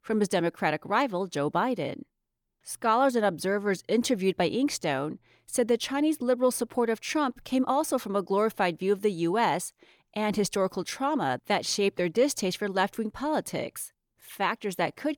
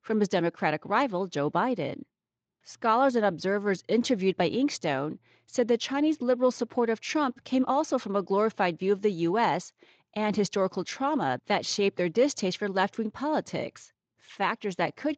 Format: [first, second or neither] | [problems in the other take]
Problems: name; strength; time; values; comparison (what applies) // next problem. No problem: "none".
first | garbled, watery; slightly; nothing above 7.5 kHz